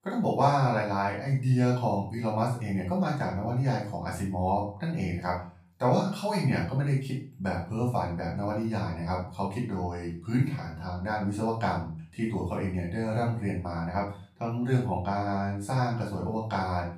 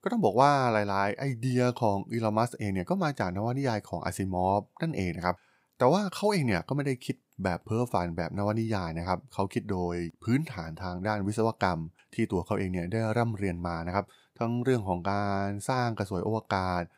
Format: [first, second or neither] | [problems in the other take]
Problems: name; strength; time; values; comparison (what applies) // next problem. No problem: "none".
second | off-mic speech; far // room echo; noticeable; dies away in 0.4 s